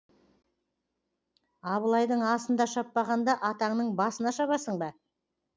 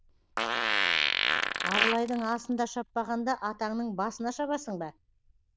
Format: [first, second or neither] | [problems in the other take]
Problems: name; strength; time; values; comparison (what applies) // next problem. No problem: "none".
first | noise reduction (neural diffusion model UNIVERSE++)